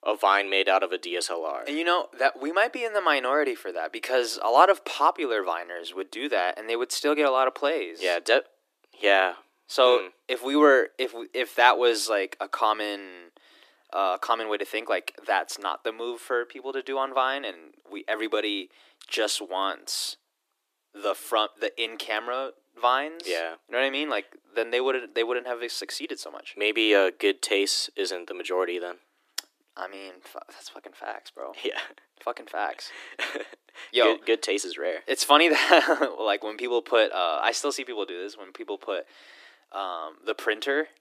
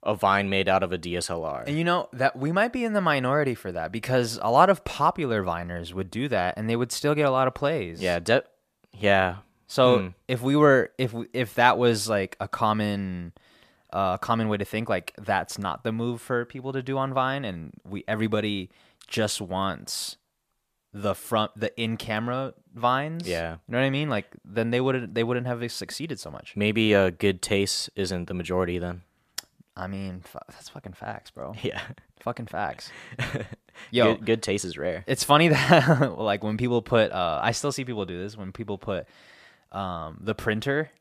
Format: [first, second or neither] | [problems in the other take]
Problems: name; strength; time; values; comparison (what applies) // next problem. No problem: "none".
second | thin; somewhat; fading below 300 Hz